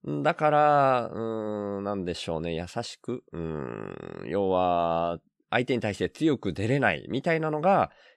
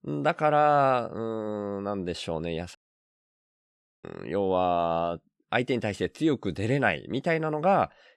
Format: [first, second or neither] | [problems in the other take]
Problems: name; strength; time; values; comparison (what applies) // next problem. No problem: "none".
first | audio cutting out; at 3 s for 1.5 s